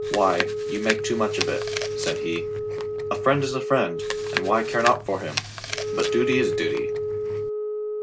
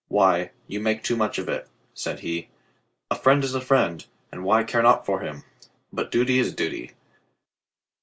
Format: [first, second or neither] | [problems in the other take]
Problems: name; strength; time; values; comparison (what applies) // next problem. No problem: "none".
second | background sound (Chewing, mastication + Wind instrument, woodwind instrument); 1 dB below the speech